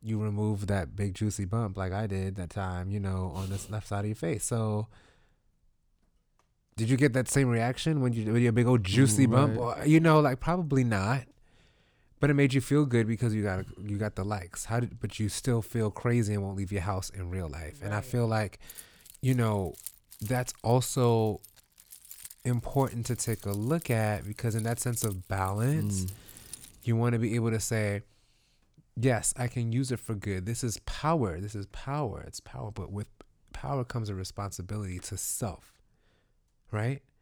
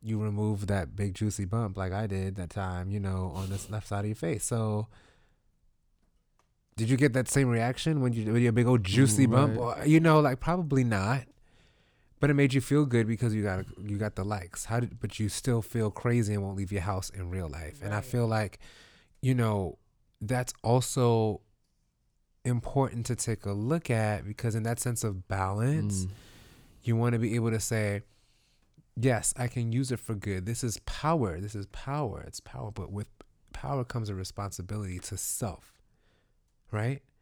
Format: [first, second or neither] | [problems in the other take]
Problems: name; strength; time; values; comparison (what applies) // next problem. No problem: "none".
second | jangling keys; noticeable; from 19 to 27 s; peak 9 dB below the speech